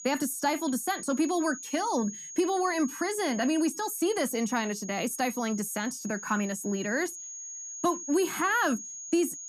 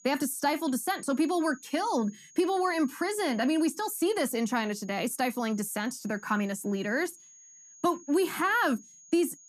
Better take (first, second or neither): second